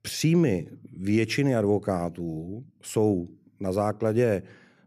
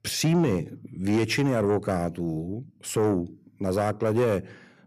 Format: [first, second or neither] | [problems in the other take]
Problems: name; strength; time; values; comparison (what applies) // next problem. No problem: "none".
first | distortion; slight; 10 dB below the speech